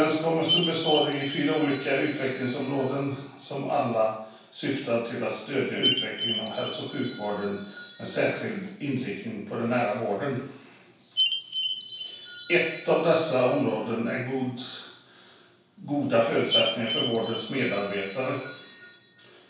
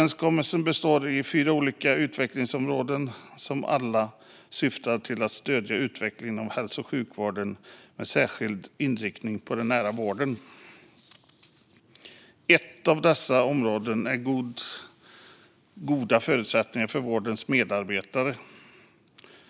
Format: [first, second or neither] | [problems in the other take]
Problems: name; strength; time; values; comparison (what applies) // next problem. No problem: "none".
second | background sound (Chime); 7 dB below the speech // room echo; dies away in 0.7 s